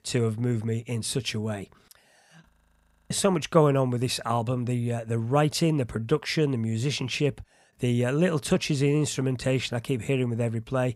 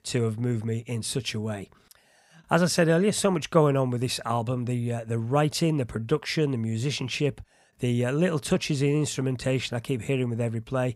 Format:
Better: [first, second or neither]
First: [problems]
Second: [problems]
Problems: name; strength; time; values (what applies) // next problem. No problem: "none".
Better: second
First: audio freezing; at 2.5 s for 0.5 s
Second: none